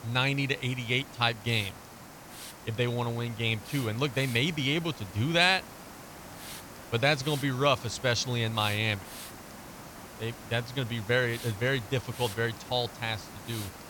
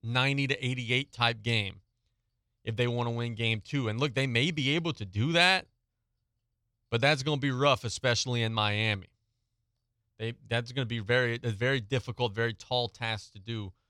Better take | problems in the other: second | hiss; noticeable; throughout; 15 dB below the speech

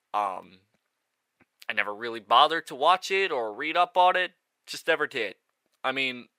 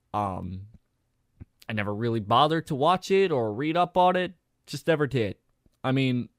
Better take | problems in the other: second | thin; very; fading below 600 Hz

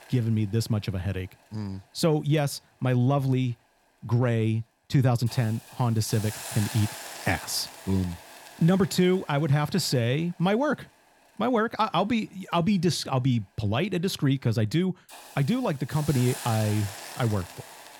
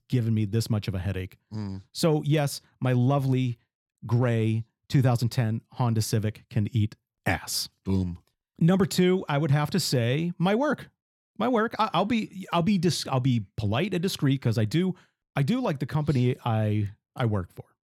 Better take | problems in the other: second | hiss; noticeable; throughout; 15 dB below the speech

